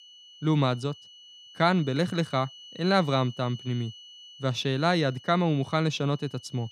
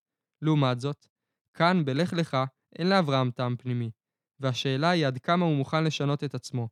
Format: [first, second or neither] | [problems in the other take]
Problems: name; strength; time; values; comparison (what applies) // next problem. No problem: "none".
second | high-pitched whine; noticeable; throughout; 3 kHz, 20 dB below the speech